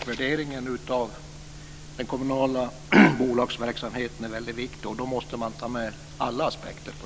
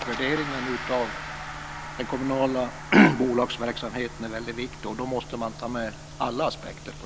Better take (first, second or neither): first